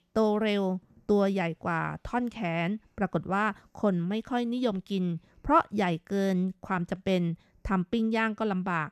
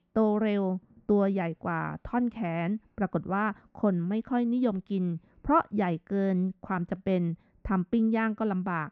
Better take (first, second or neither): first